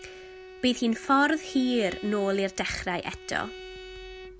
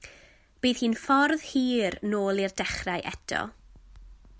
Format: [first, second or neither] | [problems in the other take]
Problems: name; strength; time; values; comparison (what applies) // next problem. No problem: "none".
second | background sound (Bowed string instrument); 15 dB below the speech